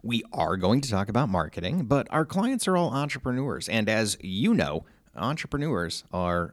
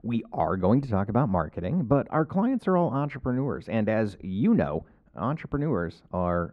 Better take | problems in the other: first | muffled; very; fading above 3 kHz

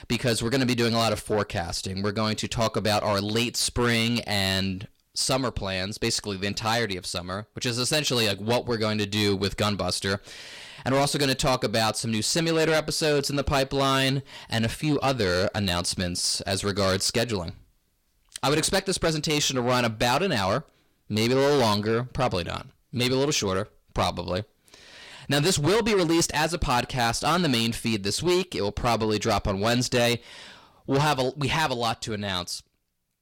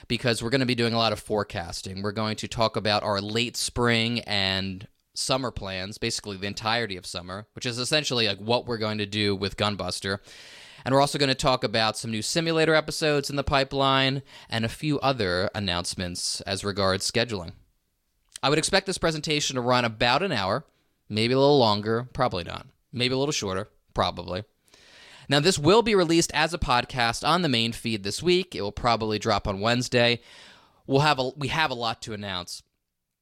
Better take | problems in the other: second | distortion; heavy; 7 dB below the speech

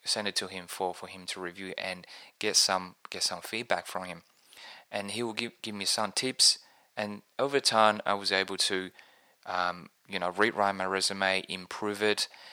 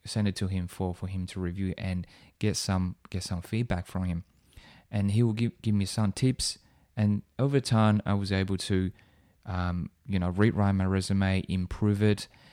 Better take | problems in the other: second | thin; very; fading below 650 Hz

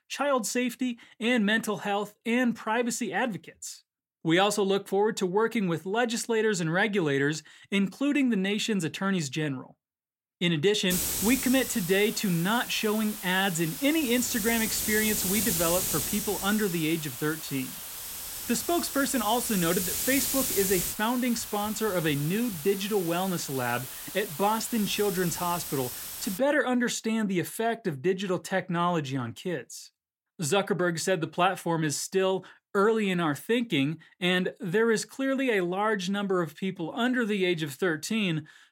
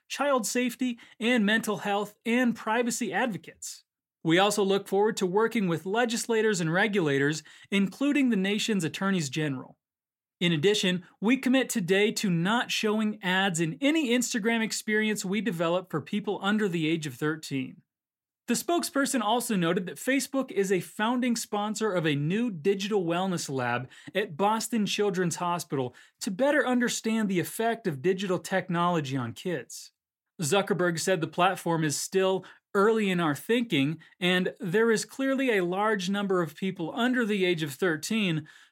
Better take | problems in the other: second | hiss; loud; from 11 to 26 s; 4 dB below the speech

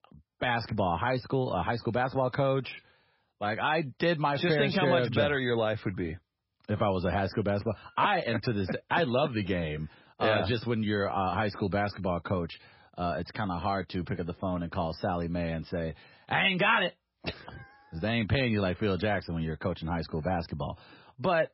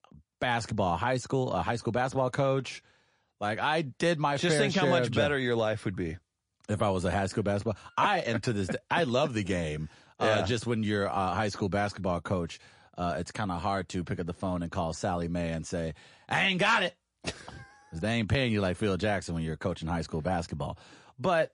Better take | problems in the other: second | garbled, watery; badly; nothing above 5.5 kHz; slightly in the second

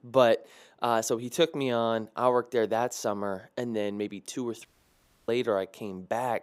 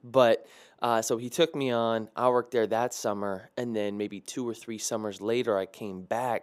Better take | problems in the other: second | audio cutting out; at 4.5 s for 0.5 s

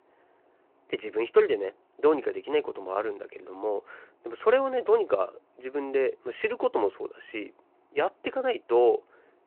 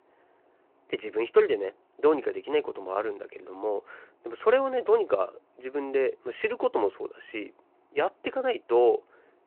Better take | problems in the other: neither | phone-call audio; the same in both

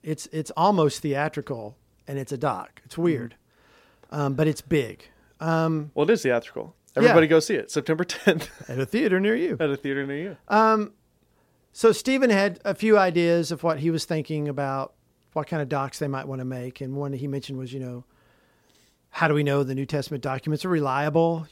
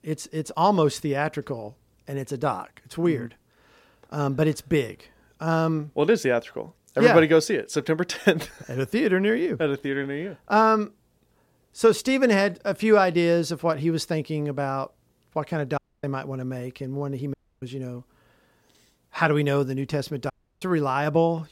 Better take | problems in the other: first | audio cutting out; at 16 s, at 17 s and at 20 s

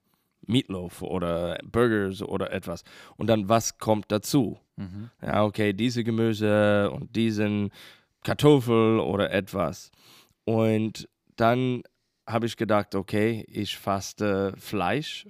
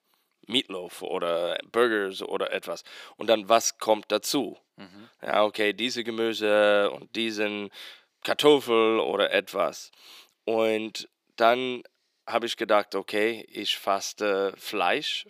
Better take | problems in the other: first | thin; somewhat; fading below 450 Hz

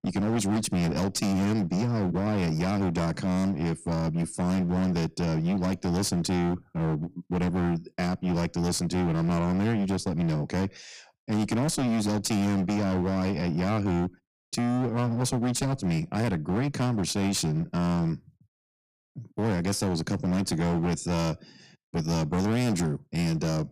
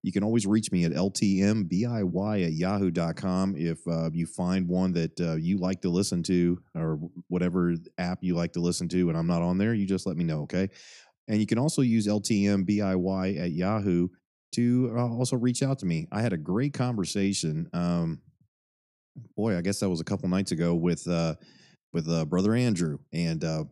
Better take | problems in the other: second | distortion; heavy; 30% of the sound clipped

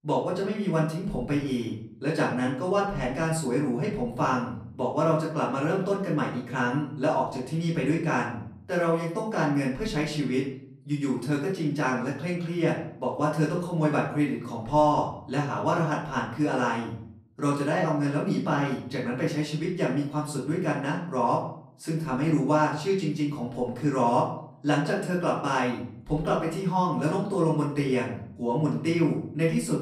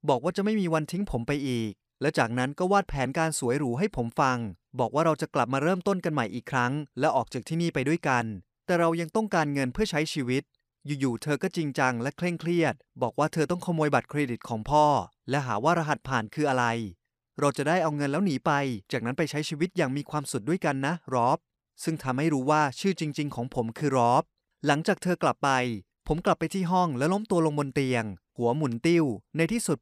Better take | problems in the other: second | off-mic speech; far // room echo; slight; dies away in 0.6 s

